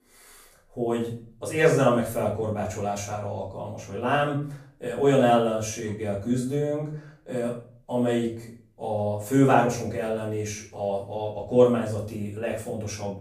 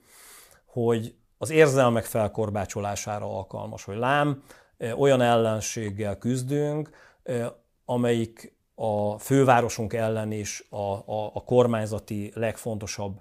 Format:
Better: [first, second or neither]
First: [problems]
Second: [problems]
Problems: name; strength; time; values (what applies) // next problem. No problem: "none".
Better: second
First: off-mic speech; far // room echo; slight; dies away in 0.4 s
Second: none